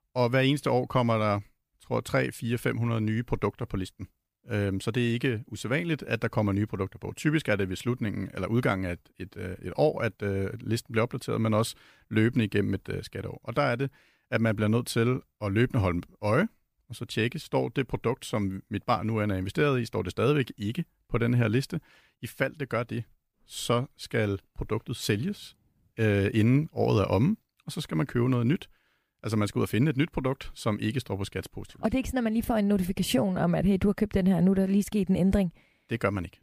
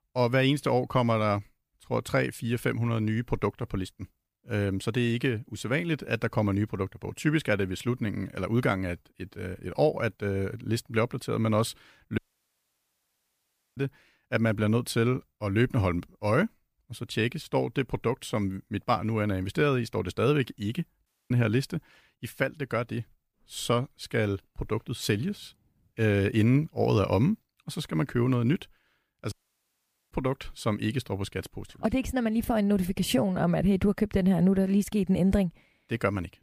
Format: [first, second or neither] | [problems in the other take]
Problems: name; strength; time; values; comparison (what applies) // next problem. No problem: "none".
first | audio cutting out; at 12 s for 1.5 s, at 21 s and at 29 s for 1 s